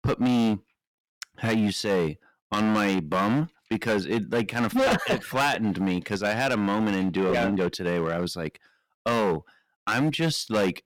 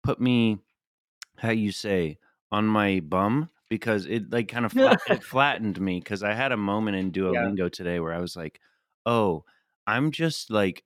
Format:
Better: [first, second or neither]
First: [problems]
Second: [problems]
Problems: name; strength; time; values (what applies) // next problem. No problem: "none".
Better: second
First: distortion; heavy; 13% of the sound clipped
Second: none